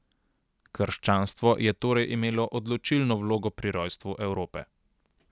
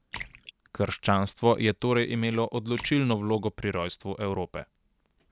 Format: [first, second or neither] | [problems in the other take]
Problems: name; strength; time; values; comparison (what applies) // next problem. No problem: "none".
first | background sound (Splash, splatter); 19 dB below the speech